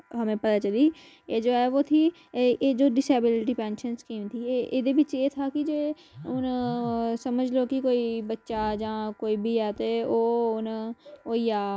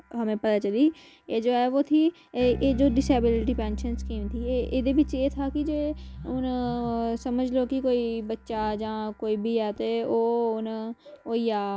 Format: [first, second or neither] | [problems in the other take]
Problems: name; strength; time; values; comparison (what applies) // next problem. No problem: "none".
first | background sound (Bass guitar); 12 dB below the speech